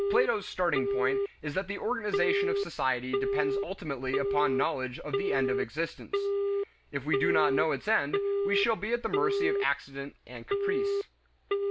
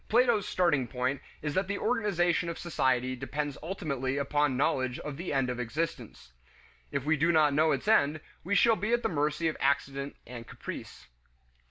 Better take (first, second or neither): second